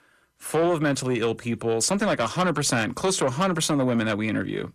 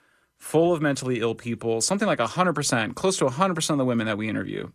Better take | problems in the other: second | distortion; slight; 10 dB below the speech

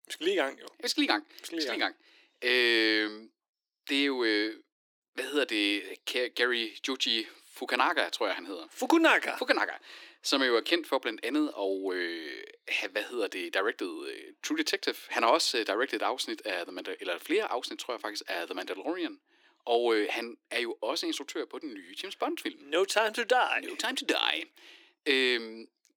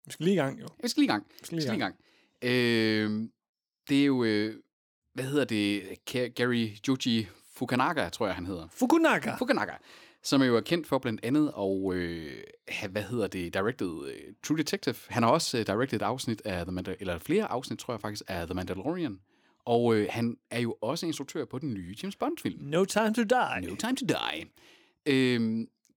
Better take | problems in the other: second | thin; somewhat; fading below 300 Hz

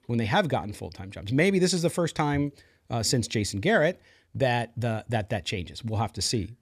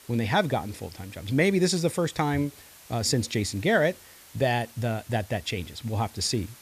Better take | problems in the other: first | hiss; faint; throughout; 20 dB below the speech

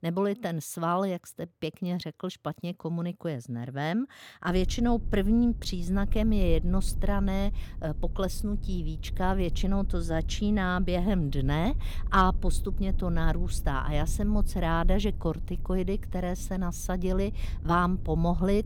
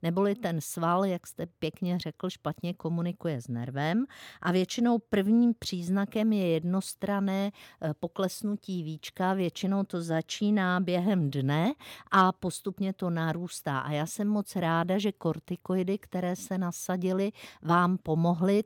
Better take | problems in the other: second | low rumble; faint; from 4.5 s on; 20 dB below the speech

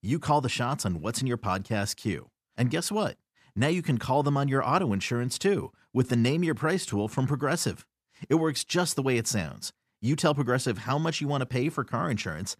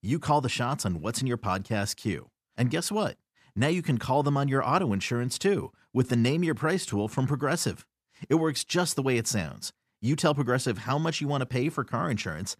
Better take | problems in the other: neither | none

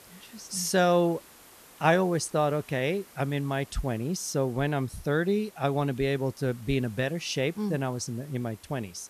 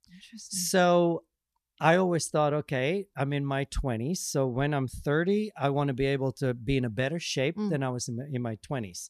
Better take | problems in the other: second | hiss; faint; throughout; 25 dB below the speech

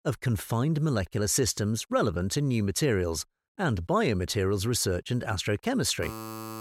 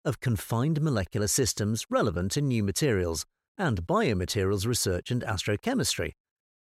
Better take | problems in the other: second | alarm; faint; at 6 s; peak 10 dB below the speech

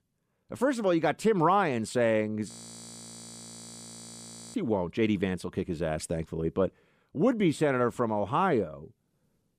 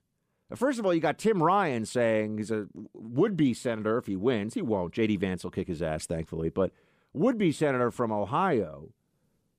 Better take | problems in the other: second | audio freezing; at 2.5 s for 2 s

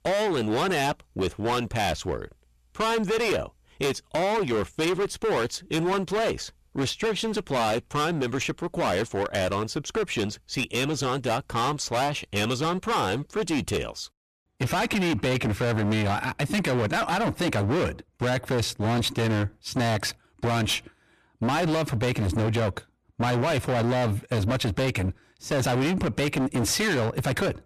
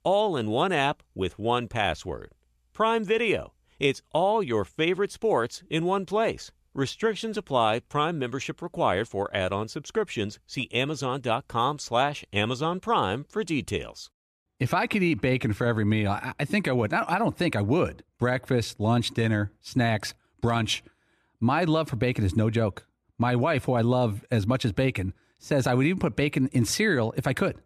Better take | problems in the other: second | distortion; heavy; 27% of the sound clipped

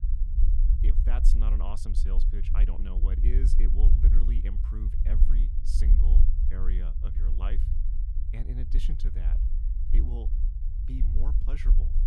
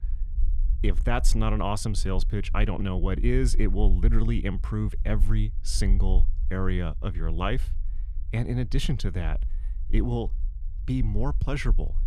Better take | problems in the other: second | low rumble; loud; throughout; 3 dB below the speech; faint in the second

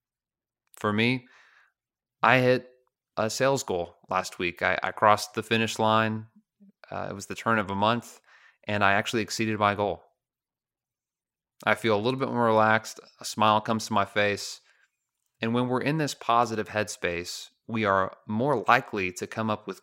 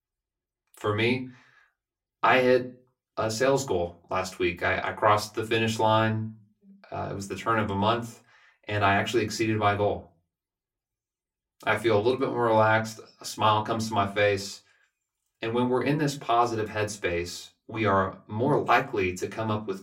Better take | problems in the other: first | off-mic speech; far // room echo; very slight; dies away in 0.2 s

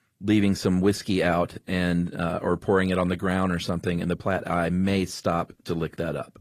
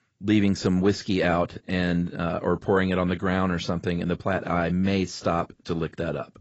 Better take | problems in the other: first | garbled, watery; badly; nothing above 7.5 kHz; slightly in the first

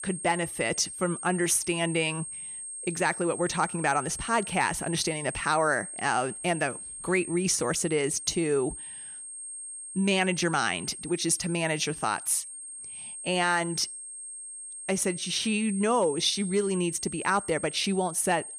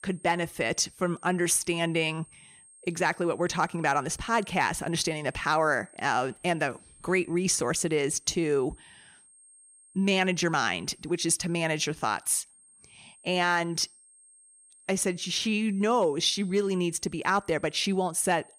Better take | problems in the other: second | high-pitched whine; loud; throughout; 8.5 kHz, 9 dB below the speech; faint in the second

